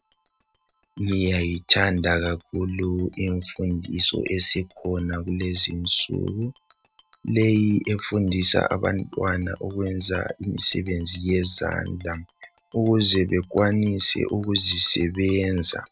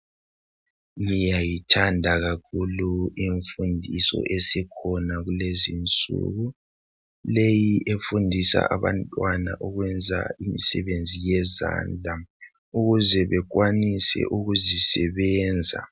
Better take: second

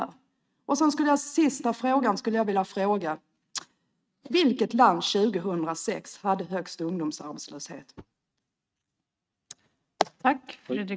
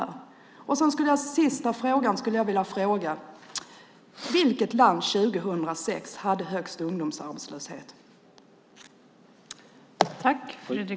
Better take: second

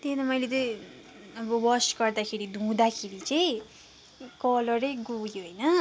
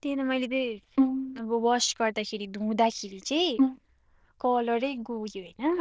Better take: first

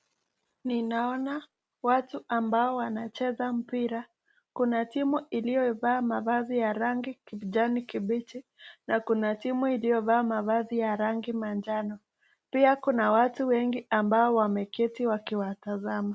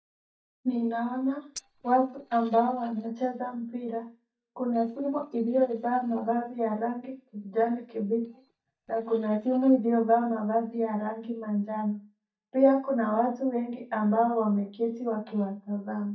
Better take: first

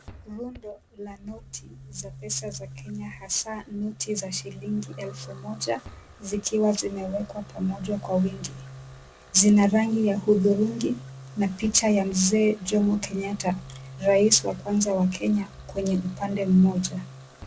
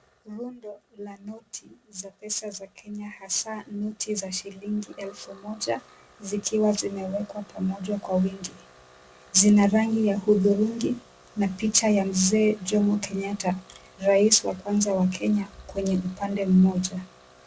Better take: second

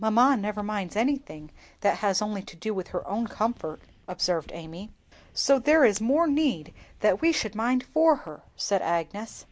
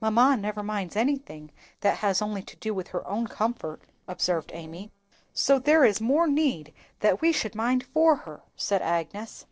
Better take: first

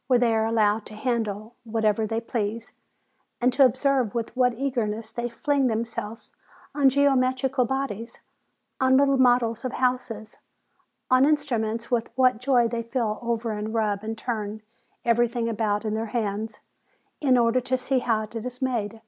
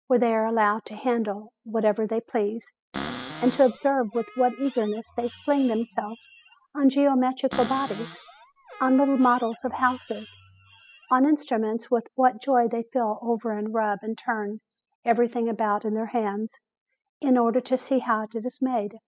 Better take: first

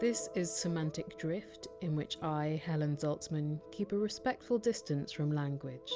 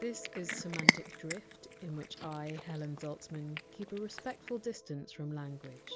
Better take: first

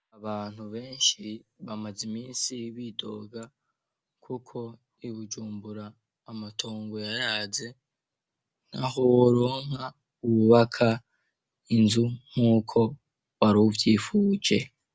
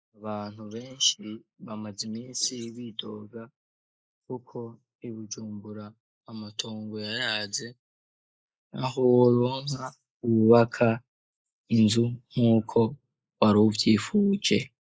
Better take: first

